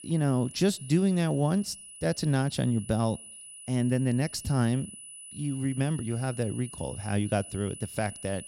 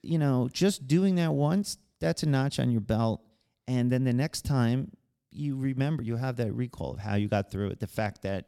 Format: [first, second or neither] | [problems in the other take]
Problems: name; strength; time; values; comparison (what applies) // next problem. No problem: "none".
second | high-pitched whine; noticeable; throughout; 10 kHz, 15 dB below the speech